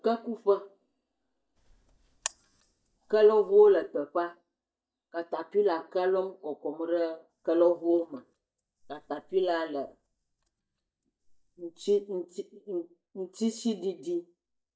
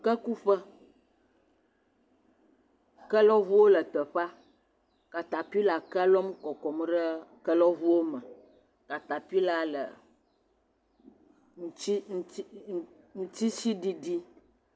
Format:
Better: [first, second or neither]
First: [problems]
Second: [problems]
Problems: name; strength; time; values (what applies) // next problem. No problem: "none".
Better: second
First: noise reduction (neural mask model DeepFilterNet 3)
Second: none